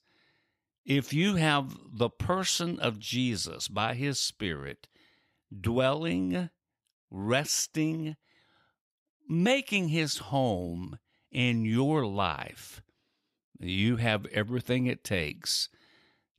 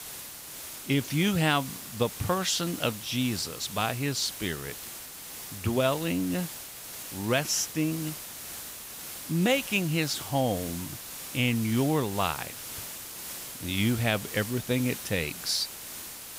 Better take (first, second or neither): first